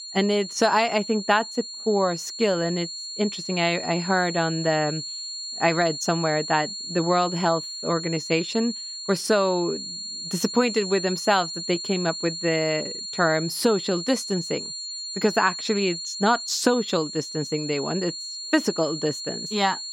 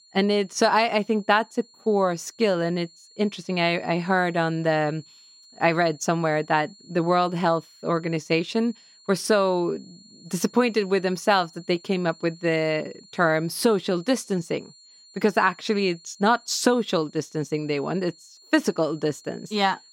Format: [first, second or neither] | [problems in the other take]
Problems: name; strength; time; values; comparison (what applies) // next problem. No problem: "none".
second | high-pitched whine; loud; throughout; 4.5 kHz, 7 dB below the speech; faint in the second